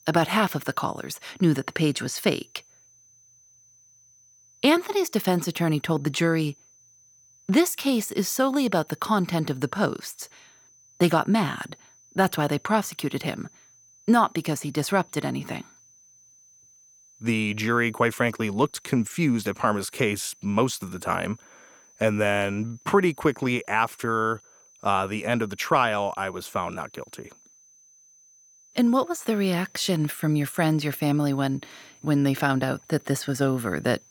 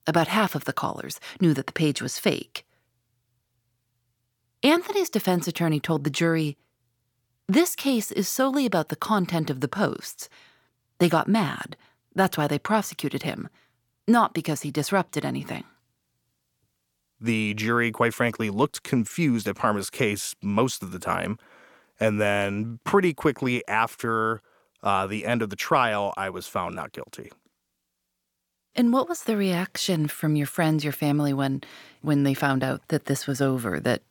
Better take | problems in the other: second | high-pitched whine; faint; throughout; 6 kHz, 30 dB below the speech

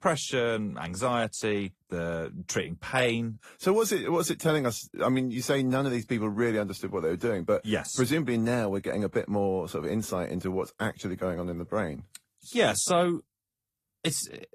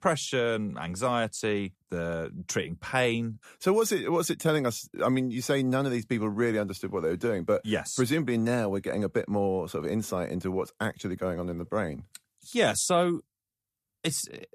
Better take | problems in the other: second | garbled, watery; slightly; nothing above 14.5 kHz

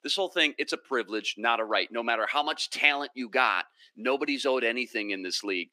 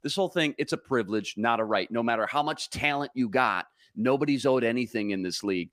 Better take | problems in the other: second | thin; very slightly; fading below 300 Hz

